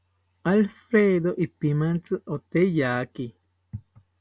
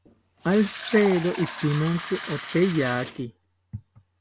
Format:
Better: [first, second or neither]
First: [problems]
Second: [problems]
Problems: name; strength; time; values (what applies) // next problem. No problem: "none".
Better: first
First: none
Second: background sound (Fill (with liquid)); 12 dB below the speech